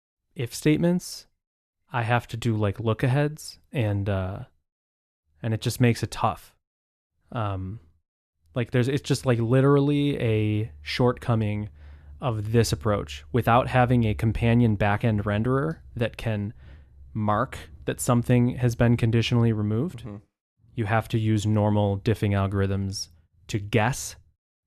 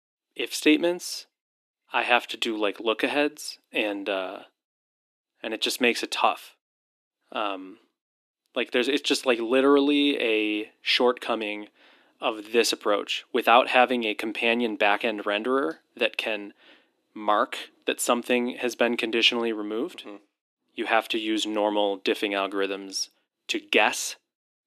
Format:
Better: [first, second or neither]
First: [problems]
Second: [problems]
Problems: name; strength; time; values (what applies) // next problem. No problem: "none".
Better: first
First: none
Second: thin; somewhat; fading below 300 Hz